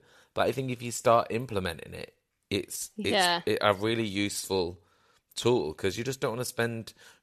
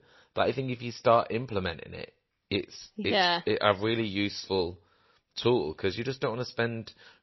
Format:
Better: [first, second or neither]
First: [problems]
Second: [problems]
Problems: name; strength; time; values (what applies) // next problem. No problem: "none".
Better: first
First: none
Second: garbled, watery; slightly; nothing above 5.5 kHz